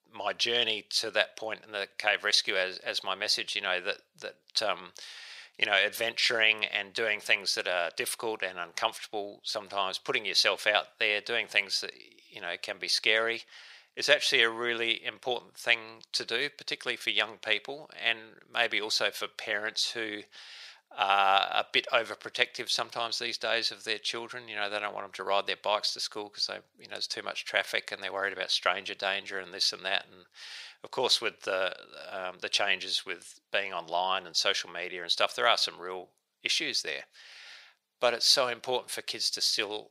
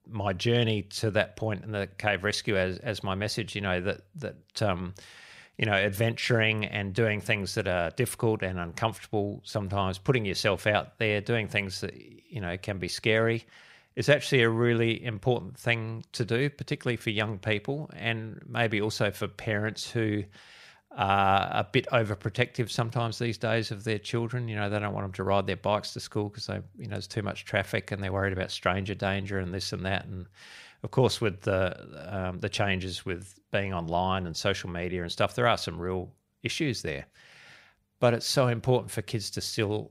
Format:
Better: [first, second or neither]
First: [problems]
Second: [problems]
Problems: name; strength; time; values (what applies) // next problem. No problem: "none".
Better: second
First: thin; very; fading below 600 Hz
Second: none